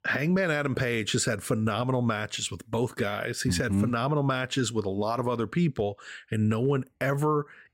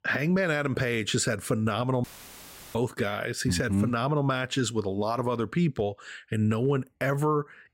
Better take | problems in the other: first | audio cutting out; filled with static; at 2 s for 0.5 s

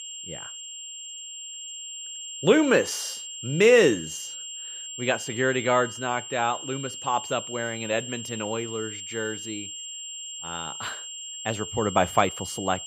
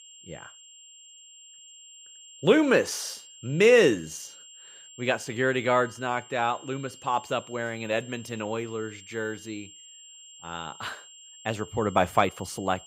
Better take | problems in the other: second | high-pitched whine; loud; throughout; 7.5 kHz, 10 dB below the speech; faint in the second

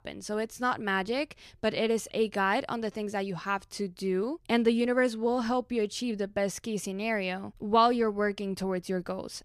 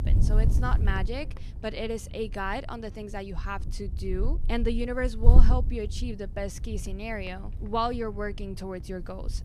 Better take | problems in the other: first | wind noise on the microphone; occasional gusts; 15 dB below the speech

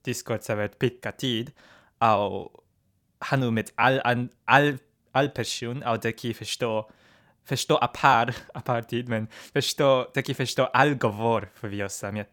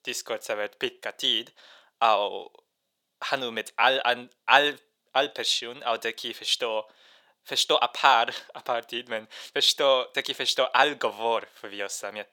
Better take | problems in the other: first | thin; somewhat; fading below 550 Hz

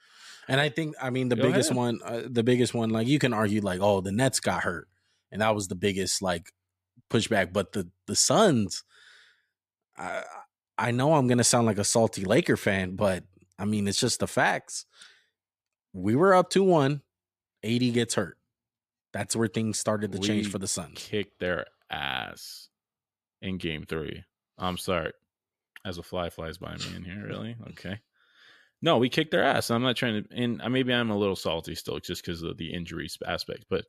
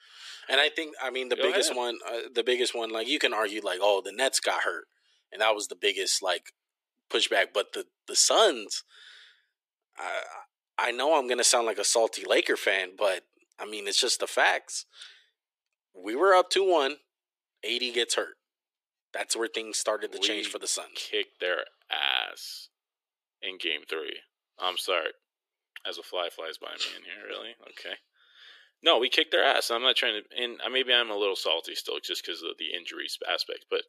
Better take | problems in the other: first | thin; very; fading below 350 Hz

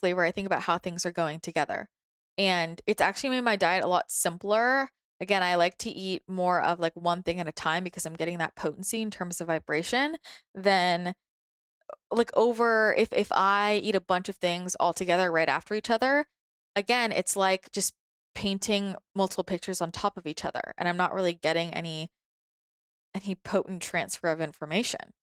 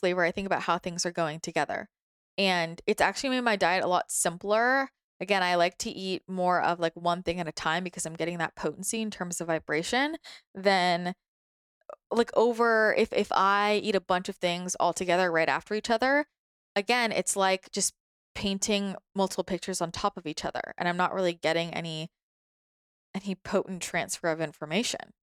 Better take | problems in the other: second | garbled, watery; slightly; nothing above 18.5 kHz

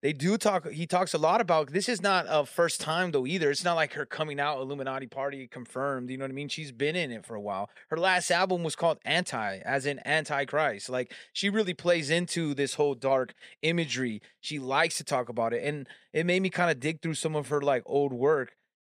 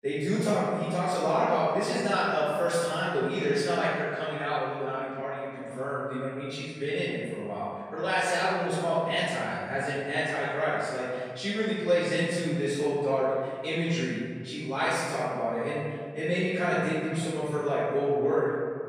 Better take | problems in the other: first | room echo; strong; dies away in 1.8 s // off-mic speech; far

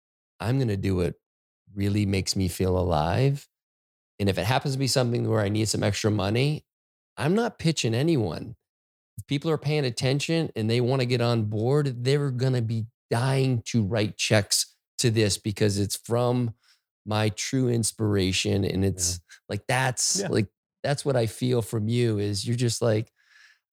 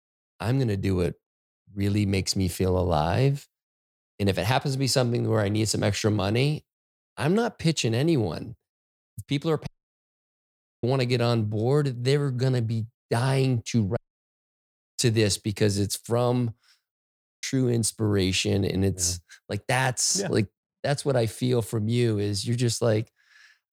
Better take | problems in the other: first | audio cutting out; at 9.5 s for 1 s, at 14 s for 1 s and at 17 s

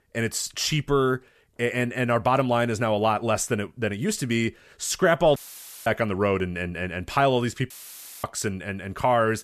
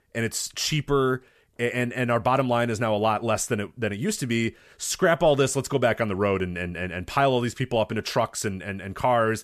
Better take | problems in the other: second | audio cutting out; filled with static; at 5.5 s for 0.5 s and at 7.5 s for 0.5 s

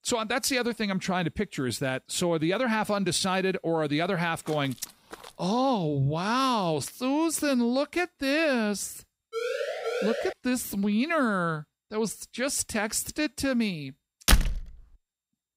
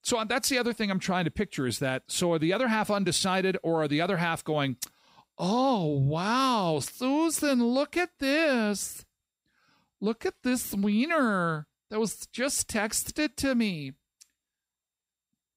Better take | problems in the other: second | footsteps; faint; at 4.5 s; peak 20 dB below the speech // siren; noticeable; from 9.5 to 10 s; peak 3 dB below the speech // door banging; loud; at 14 s; peak 4 dB above the speech

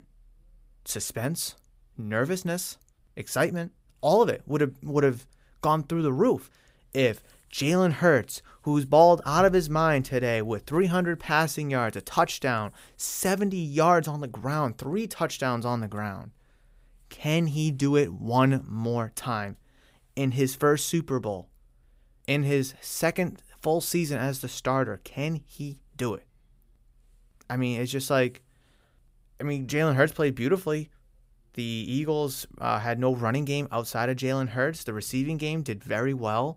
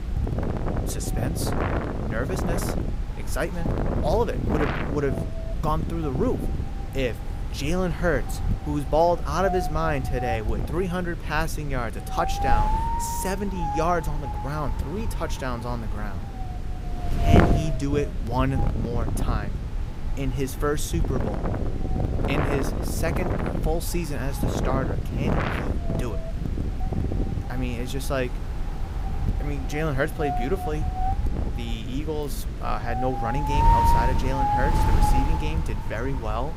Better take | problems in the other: first | wind noise on the microphone; heavy; as loud as the speech

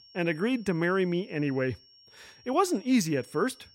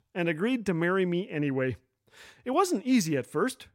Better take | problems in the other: second | high-pitched whine; faint; throughout; 5.5 kHz, 25 dB below the speech

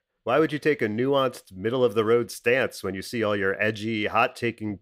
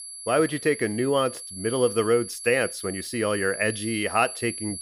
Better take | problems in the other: first | high-pitched whine; loud; throughout; 11 kHz, 10 dB below the speech

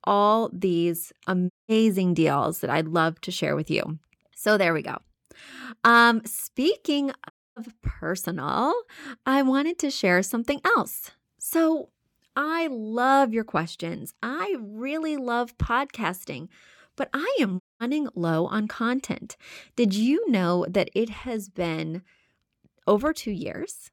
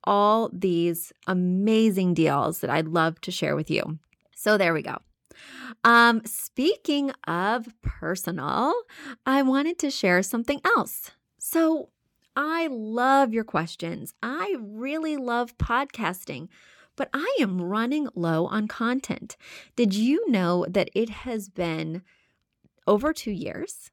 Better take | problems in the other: second | audio cutting out; at 1.5 s, at 7.5 s and at 18 s

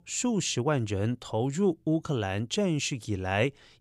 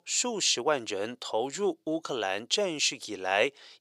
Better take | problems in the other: first | thin; very; fading below 500 Hz

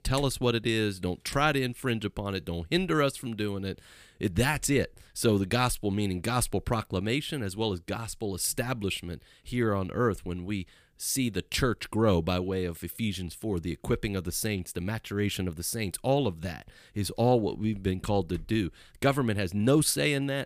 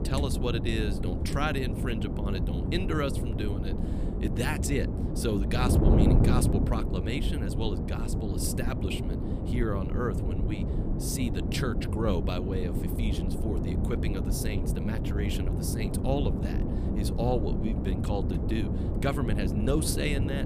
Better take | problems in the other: first | wind noise on the microphone; heavy; 3 dB below the speech

